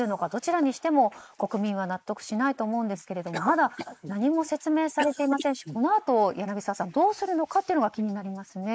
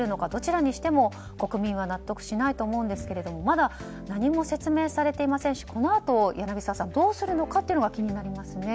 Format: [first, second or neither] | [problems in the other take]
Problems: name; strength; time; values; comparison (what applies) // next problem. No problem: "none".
second | noise reduction (neural mask model Resemble Enhance denoiser)